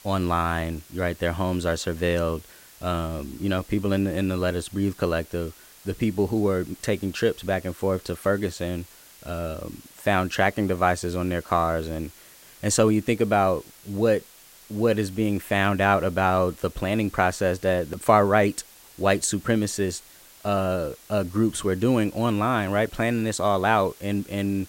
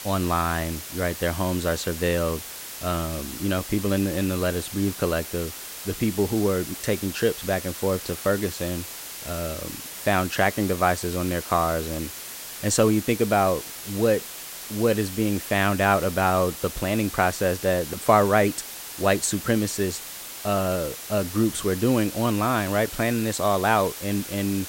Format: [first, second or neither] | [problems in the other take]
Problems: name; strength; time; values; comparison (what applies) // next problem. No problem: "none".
first | hiss; loud; throughout; 10 dB below the speech; faint in the first